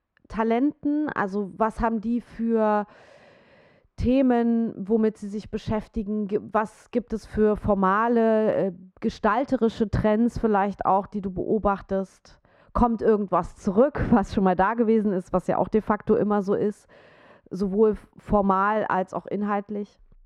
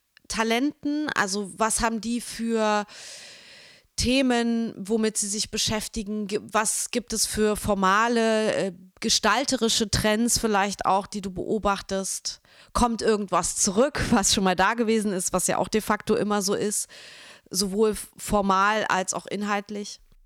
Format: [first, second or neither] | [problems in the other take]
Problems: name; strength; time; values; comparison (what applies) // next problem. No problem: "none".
second | muffled; very; fading above 3 kHz